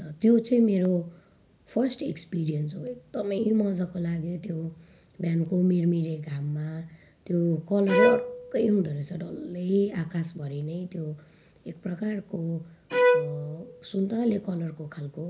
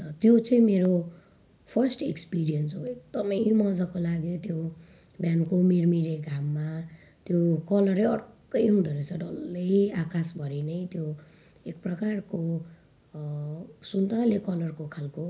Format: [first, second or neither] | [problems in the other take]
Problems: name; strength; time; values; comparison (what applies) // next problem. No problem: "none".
second | background sound (Bowed string instrument); as loud as the speech